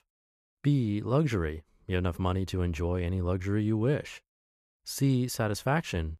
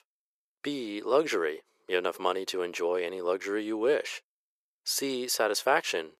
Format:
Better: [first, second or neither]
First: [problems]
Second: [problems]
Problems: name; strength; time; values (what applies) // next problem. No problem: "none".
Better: first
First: none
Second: thin; very; fading below 400 Hz